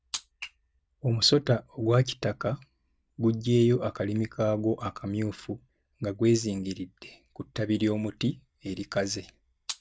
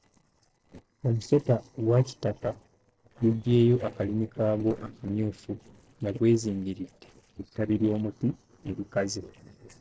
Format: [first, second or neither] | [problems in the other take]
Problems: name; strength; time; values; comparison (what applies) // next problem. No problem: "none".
first | noise reduction (neural separator model SepFormer DNS4)